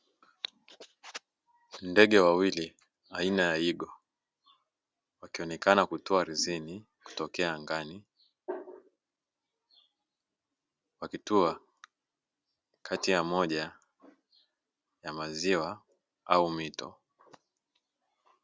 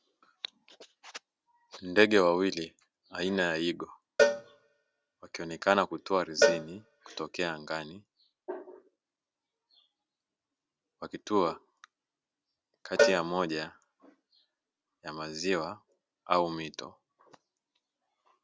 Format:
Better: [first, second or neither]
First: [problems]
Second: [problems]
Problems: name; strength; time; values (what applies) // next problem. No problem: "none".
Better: first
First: none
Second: background sound (Cowbell); 1 dB above the speech